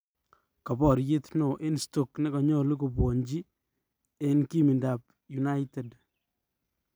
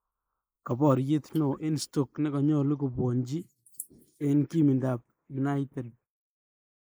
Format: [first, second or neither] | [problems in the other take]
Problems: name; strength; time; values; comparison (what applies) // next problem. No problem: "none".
first | noise reduction (neural mask model Resemble Enhance denoiser)